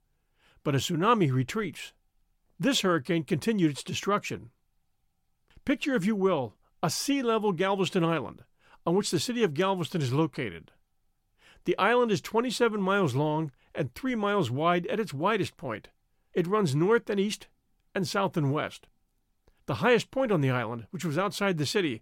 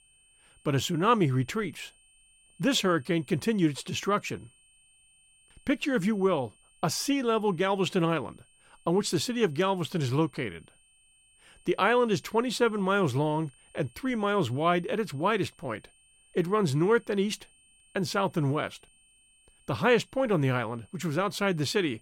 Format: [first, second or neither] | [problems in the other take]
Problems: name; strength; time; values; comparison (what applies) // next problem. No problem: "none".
first | high-pitched whine; faint; throughout; 8.5 kHz, 30 dB below the speech